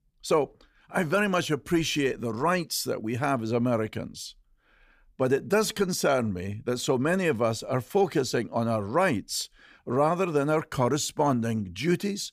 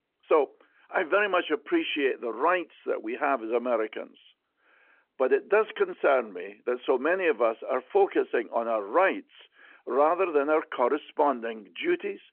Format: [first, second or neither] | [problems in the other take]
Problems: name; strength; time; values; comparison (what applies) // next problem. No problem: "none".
first | phone-call audio